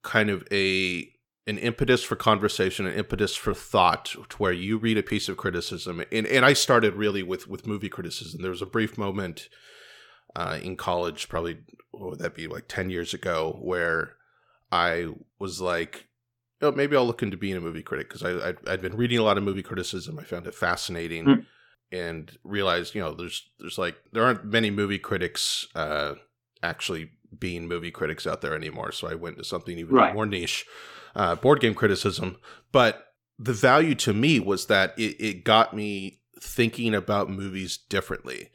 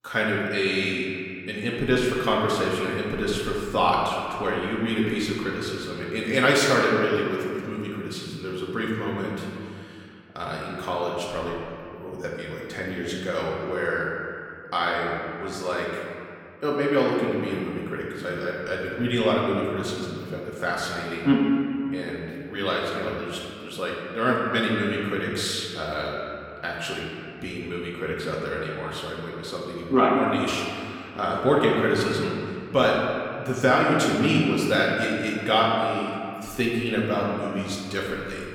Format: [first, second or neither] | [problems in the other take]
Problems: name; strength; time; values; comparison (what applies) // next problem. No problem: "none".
first | room echo; noticeable; dies away in 2.2 s // off-mic speech; far